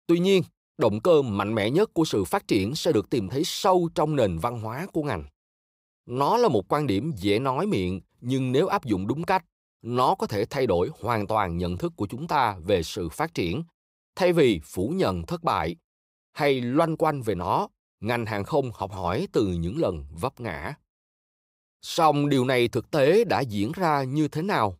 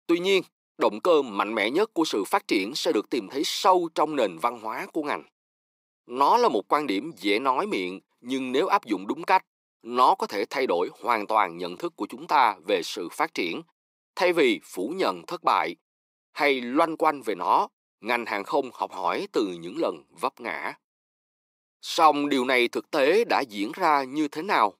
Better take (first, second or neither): first